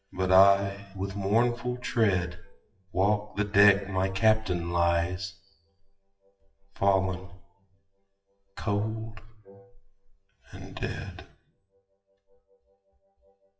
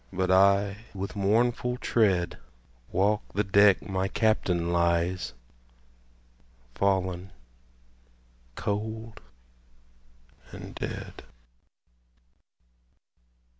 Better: second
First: noise reduction (classical method WPE with log-MMSE)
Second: none

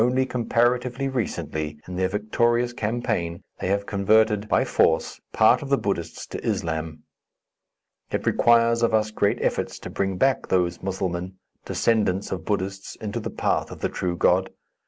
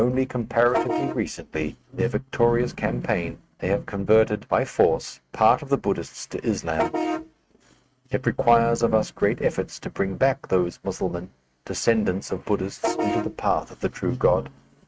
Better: first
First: none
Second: noise reduction (neural mask model RNNoise)

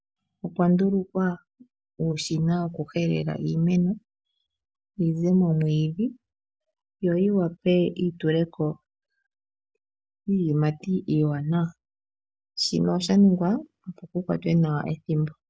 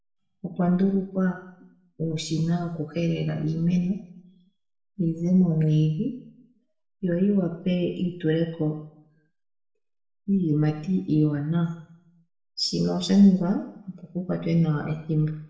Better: first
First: none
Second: room echo; dies away in 0.7 s

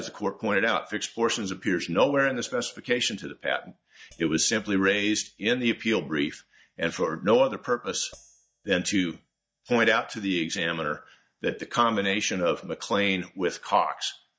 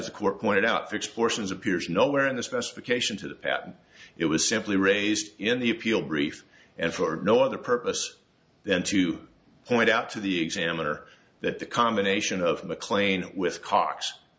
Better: second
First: noise reduction (neural mask model DeepFilterNet 3)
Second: none

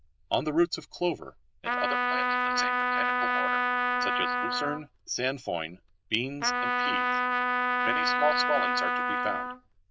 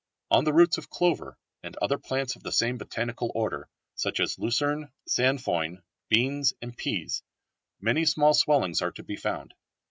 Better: second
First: noise reduction (neural diffusion model UNIVERSE++)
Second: none

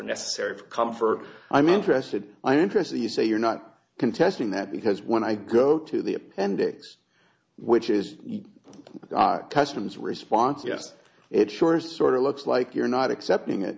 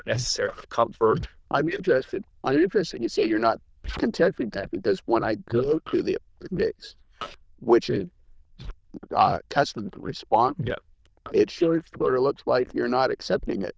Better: first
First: none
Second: noise reduction (neural diffusion model UNIVERSE++)

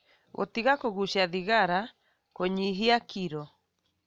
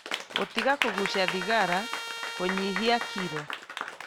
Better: first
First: none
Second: background sound (Applause + Trumpet); 3 dB below the speech

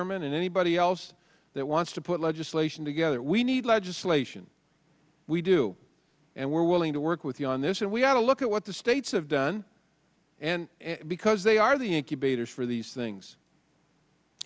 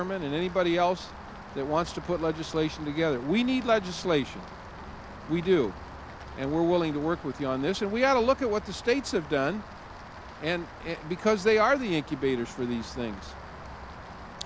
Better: first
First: none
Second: background sound (Rain); 14 dB below the speech

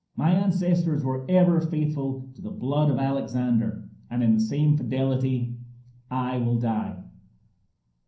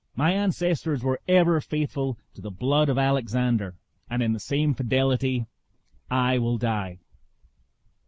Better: second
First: room echo; dies away in 0.6 s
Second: none

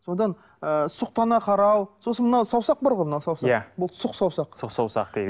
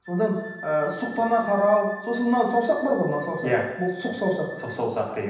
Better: first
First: none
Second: background sound (Wind instrument, woodwind instrument); 15 dB below the speech // room echo; dies away in 0.9 s

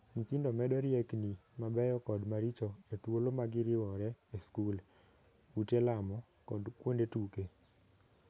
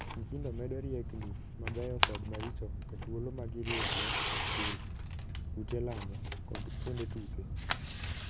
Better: first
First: none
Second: background sound (Tearing); 5 dB above the speech

